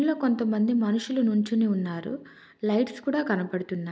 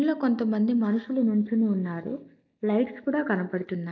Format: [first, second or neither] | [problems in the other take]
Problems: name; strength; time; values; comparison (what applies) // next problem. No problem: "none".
first | noise reduction (neural mask model Resemble Enhance denoiser)